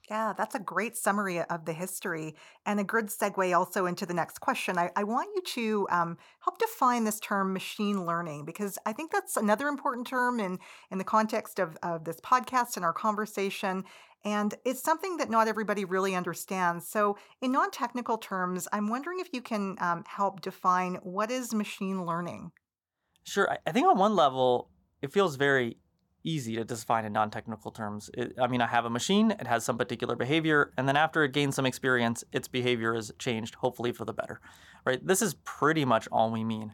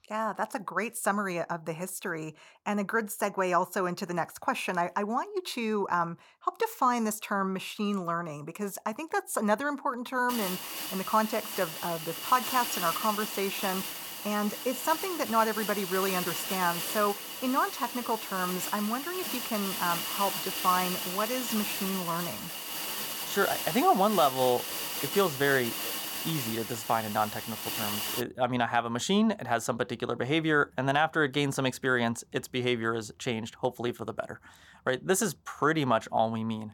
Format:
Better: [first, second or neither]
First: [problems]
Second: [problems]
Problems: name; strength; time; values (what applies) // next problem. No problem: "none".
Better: first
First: none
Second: hiss; loud; from 10 to 28 s; 4 dB below the speech